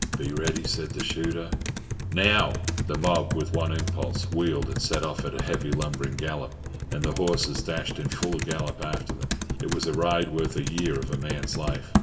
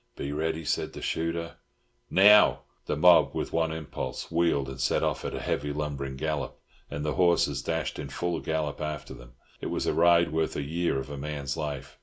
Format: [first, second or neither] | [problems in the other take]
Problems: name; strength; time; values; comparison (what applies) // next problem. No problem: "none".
second | background sound (Computer keyboard); 1 dB below the speech // room echo; dies away in 1.3 s